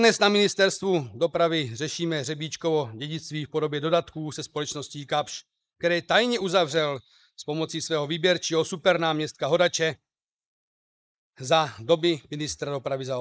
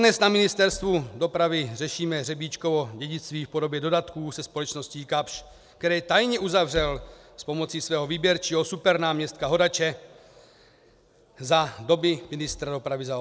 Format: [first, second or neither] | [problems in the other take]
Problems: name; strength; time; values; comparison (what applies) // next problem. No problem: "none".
second | noise reduction (neural mask model Resemble Enhance denoiser)